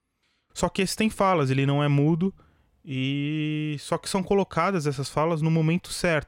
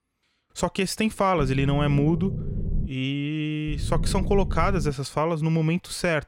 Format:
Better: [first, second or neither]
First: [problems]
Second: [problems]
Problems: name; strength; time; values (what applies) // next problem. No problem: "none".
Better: first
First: none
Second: low rumble; noticeable; from 1.5 to 3 s and from 3.5 to 5 s; 15 dB below the speech